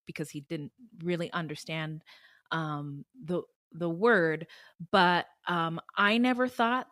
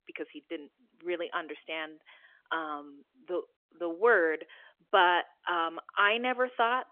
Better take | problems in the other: first | phone-call audio; nothing above 3.5 kHz

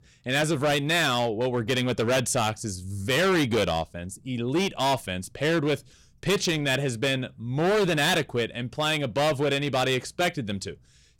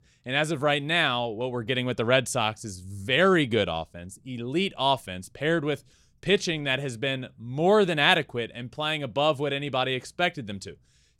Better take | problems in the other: second | distortion; heavy; 13% of the sound clipped

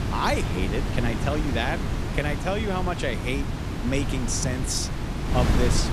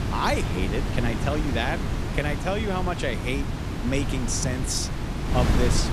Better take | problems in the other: neither | wind noise on the microphone; heavy; 5 dB below the speech; the same in both

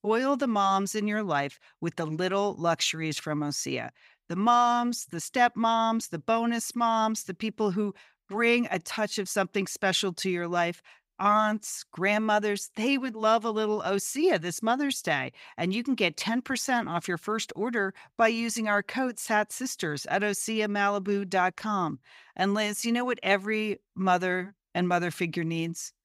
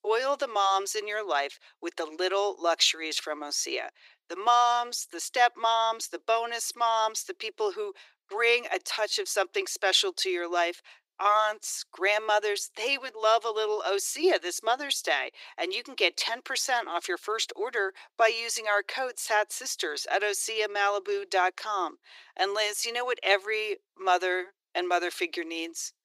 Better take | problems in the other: first | thin; very; fading below 350 Hz

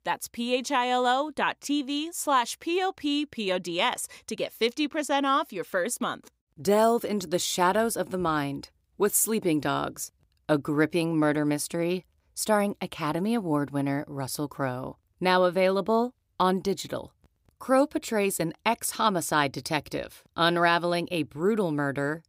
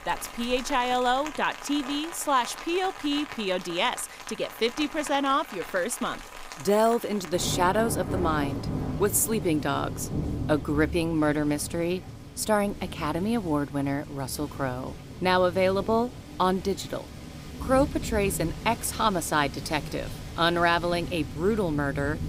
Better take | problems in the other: first | rain or running water; noticeable; throughout; 10 dB below the speech

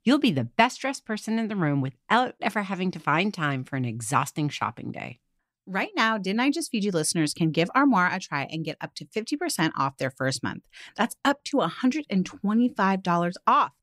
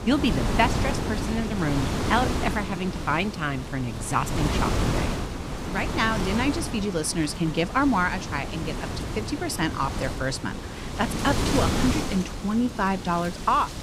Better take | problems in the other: first | wind noise on the microphone; heavy; 5 dB below the speech

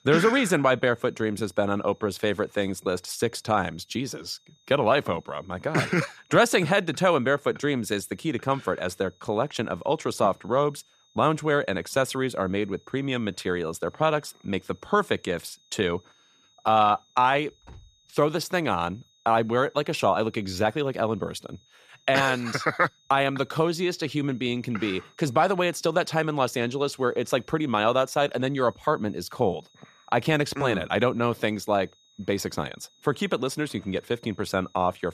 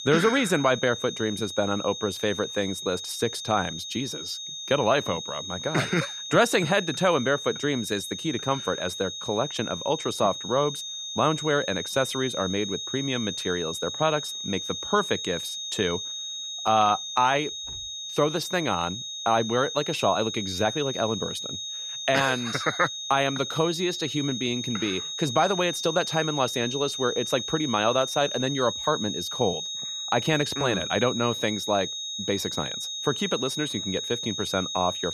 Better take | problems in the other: first | high-pitched whine; loud; throughout; 3.5 kHz, 5 dB below the speech; faint in the first

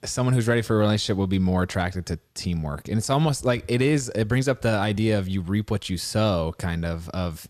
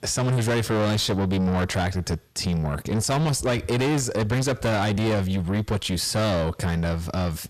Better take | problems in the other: first | distortion; heavy; 7 dB below the speech

